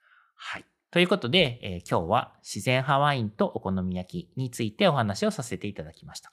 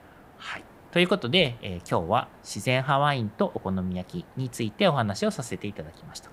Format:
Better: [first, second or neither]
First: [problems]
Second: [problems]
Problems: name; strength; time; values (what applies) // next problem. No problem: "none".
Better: first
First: none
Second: hiss; faint; throughout; 25 dB below the speech